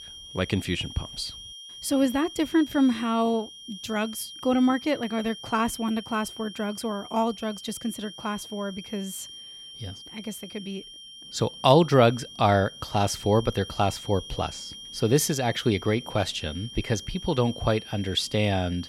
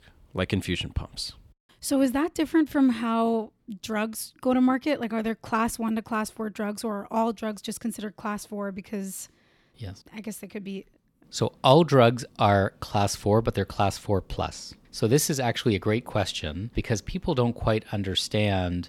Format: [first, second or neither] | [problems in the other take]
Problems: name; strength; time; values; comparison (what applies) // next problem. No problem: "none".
second | high-pitched whine; noticeable; throughout; 3 kHz, 15 dB below the speech